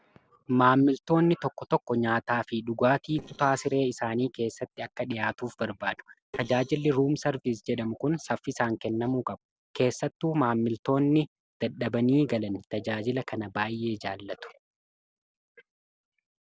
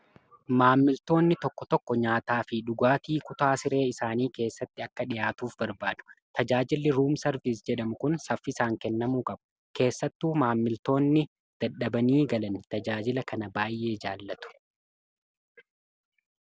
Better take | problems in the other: second | noise reduction (neural separator model SepFormer DNS4)

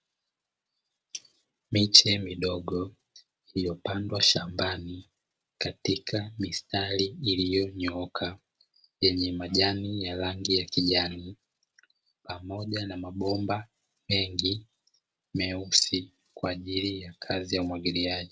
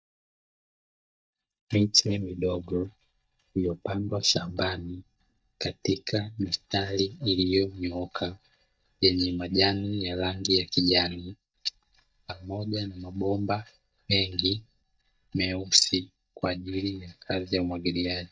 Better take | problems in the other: first | noise reduction (neural mask model DeepFilterNet 3)

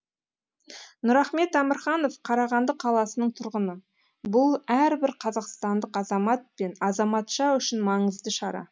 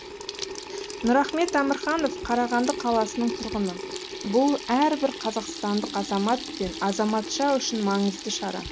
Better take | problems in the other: first | background sound (Sink (filling or washing) / Water tap, faucet); 10 dB below the speech

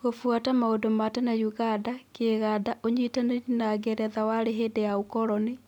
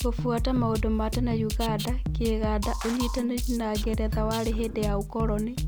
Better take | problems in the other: first | background sound (Drum kit); as loud as the speech

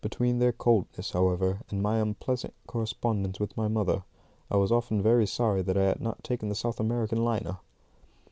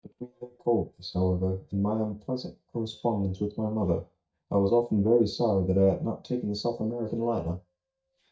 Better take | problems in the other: first | noise reduction (neural mask model DeepFilterNet 3)

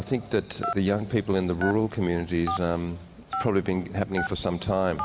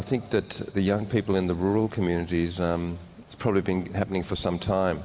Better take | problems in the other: second | background sound (Telephone); 10 dB below the speech

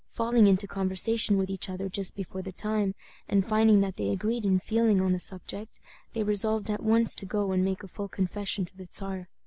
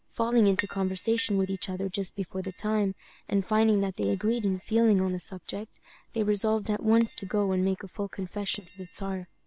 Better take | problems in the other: first | noise reduction (neural separator model SepFormer WHAM!)

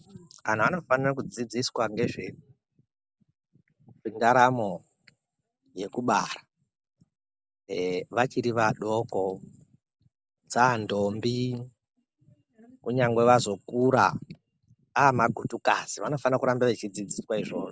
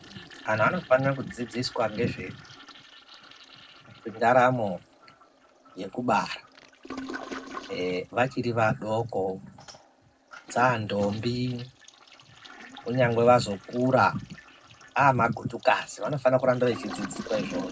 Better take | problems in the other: first | background sound (Toilet flush); 17 dB below the speech // room echo; dies away in 0.3 s

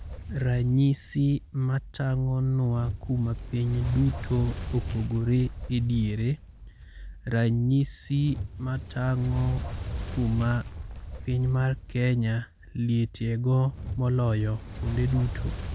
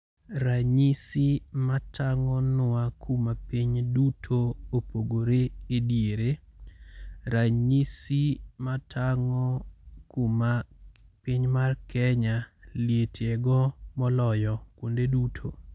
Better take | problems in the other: second | background sound (Fire); 10 dB below the speech

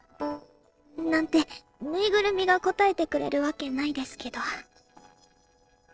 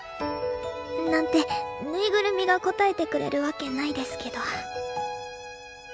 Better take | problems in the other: second | noise reduction (neural separator model SepFormer DNS4)

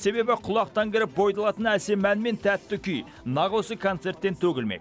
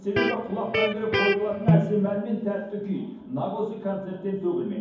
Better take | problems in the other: first | background sound (Electric guitar); 3 dB above the speech // room echo; dies away in 1.2 s

